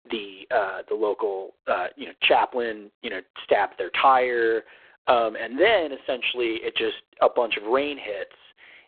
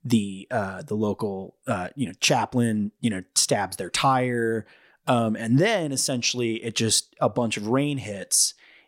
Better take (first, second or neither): second